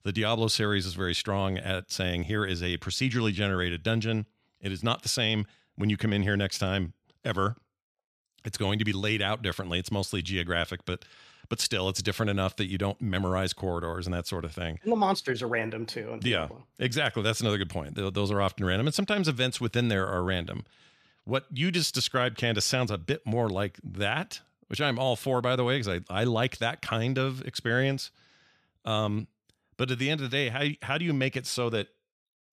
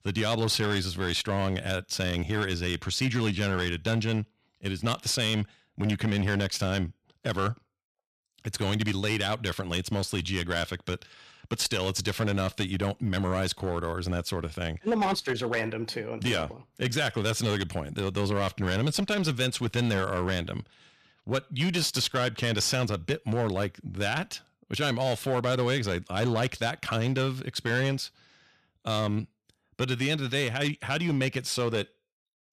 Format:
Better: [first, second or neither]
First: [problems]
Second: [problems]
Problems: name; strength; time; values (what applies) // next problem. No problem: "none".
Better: first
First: none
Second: distortion; slight; 7% of the sound clipped